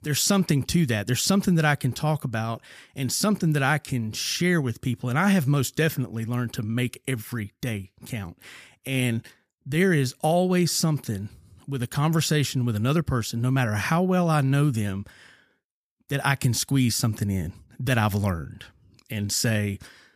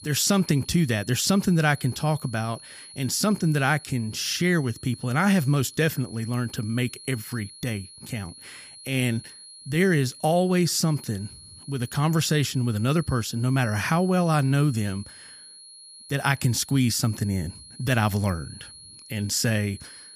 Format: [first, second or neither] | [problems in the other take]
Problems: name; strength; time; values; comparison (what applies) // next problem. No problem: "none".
first | high-pitched whine; noticeable; throughout; 4.5 kHz, 20 dB below the speech